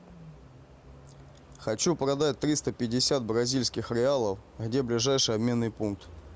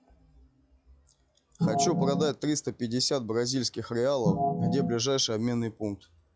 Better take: first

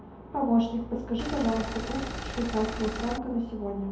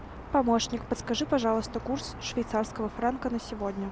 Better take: second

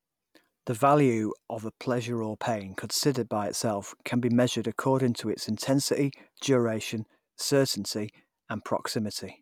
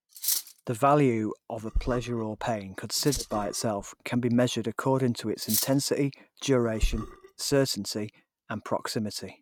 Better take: first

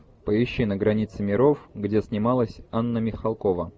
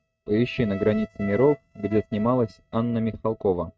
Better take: first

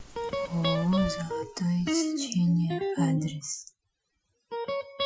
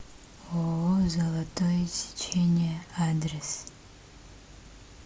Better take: second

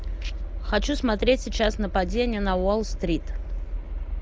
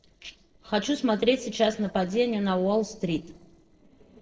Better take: first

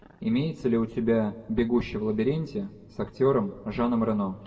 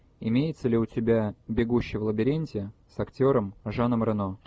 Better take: second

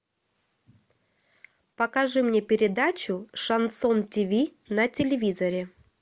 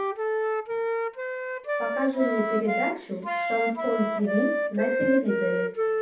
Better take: first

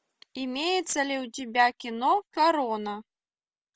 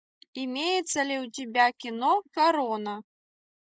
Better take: first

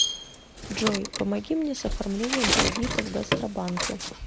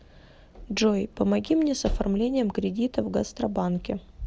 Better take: second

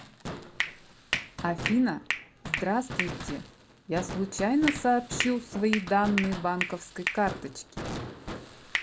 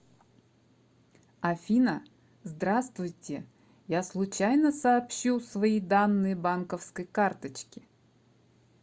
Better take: second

